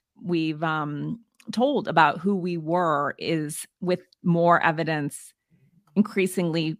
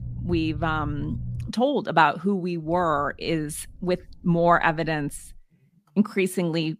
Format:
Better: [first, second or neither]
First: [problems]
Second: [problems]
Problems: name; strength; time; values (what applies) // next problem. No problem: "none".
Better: first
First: none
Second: low rumble; faint; until 1.5 s and from 2.5 to 5.5 s; 25 dB below the speech